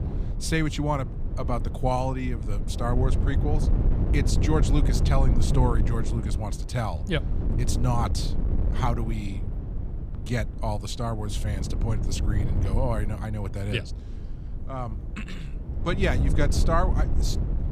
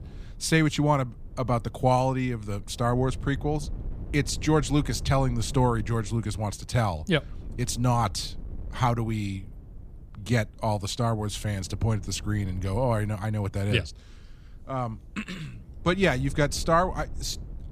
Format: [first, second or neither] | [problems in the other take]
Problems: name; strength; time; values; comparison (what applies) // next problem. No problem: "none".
second | wind noise on the microphone; heavy; 9 dB below the speech; occasional gusts in the second